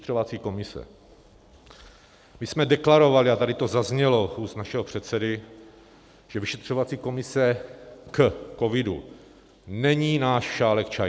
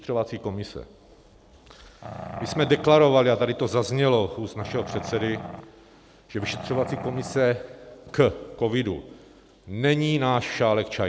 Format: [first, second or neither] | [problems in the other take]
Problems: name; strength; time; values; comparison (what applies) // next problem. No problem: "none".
first | background sound (Growling); 11 dB below the speech